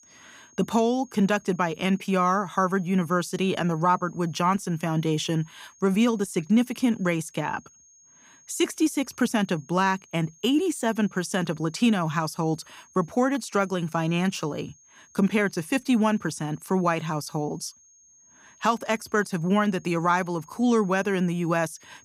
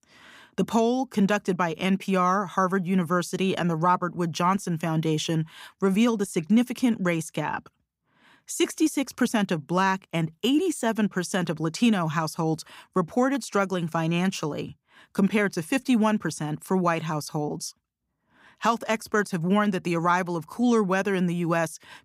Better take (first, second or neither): second